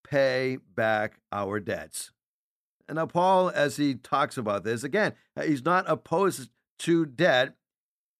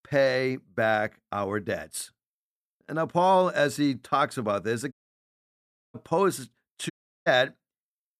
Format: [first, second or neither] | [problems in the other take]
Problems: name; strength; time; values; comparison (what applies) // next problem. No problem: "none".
first | audio cutting out; at 5 s for 1 s and at 7 s